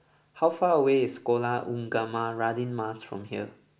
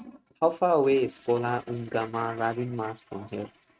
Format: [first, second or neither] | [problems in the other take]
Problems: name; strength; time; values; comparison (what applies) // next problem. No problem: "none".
first | noise reduction (neural mask model RNNoise)